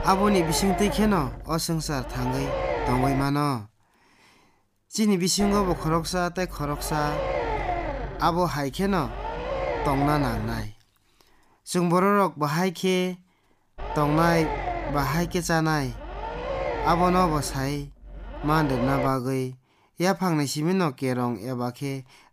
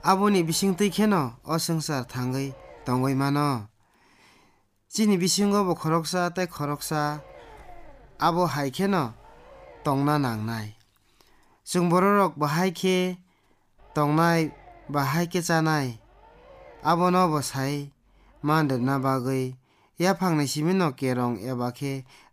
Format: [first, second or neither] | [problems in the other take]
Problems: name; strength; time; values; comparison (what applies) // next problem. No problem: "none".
second | low rumble; loud; until 3 s, from 5.5 to 11 s and from 14 to 19 s; 4 dB below the speech; faint in the second